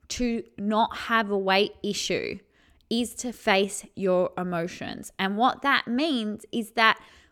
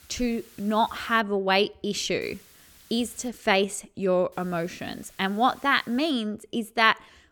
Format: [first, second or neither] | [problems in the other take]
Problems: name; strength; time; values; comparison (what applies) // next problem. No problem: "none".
first | hiss; faint; until 1 s, from 2 to 3.5 s and from 4.5 to 6 s; 25 dB below the speech